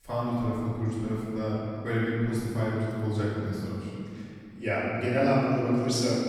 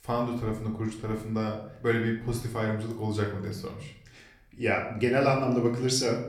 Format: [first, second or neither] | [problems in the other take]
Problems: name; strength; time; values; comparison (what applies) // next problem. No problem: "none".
second | room echo; strong; dies away in 2.7 s; slight in the second // off-mic speech; far; somewhat distant in the second